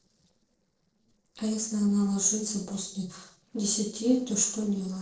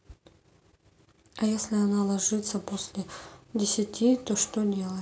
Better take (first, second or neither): second